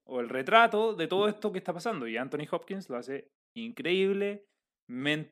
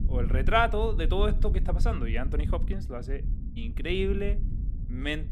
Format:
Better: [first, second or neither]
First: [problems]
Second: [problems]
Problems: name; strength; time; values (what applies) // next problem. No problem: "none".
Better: first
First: none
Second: wind noise on the microphone; occasional gusts; 15 dB below the speech